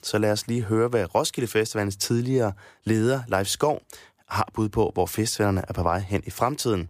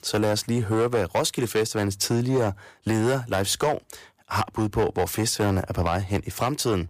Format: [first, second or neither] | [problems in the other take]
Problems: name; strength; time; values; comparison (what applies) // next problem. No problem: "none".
first | distortion; slight; 8% of the sound clipped